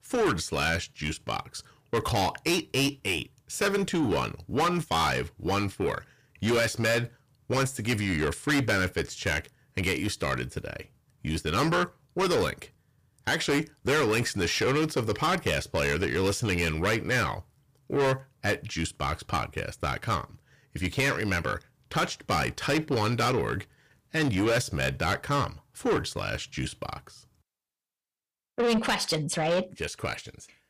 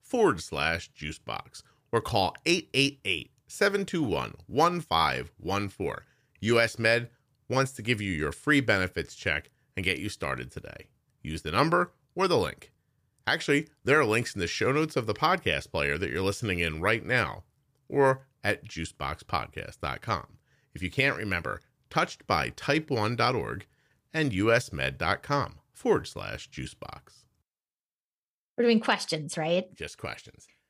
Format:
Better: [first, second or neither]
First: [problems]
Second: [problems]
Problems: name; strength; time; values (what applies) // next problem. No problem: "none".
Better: second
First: distortion; heavy; 6 dB below the speech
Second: none